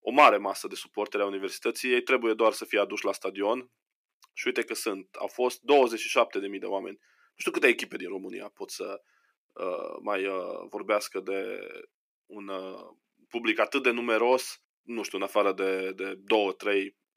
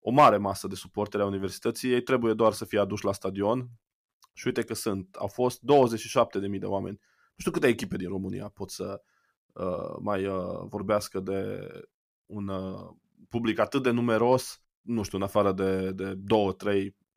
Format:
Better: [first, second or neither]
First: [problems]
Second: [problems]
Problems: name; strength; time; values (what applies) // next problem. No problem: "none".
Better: second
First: thin; very slightly; fading below 300 Hz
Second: none